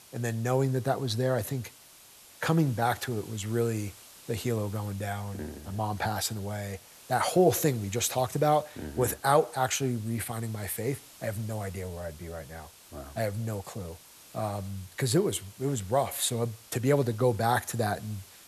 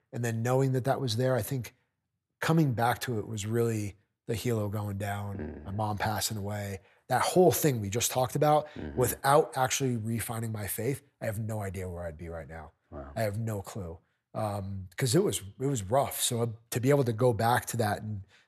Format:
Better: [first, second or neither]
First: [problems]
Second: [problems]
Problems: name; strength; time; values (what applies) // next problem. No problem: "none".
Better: second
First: hiss; faint; throughout; 20 dB below the speech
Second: none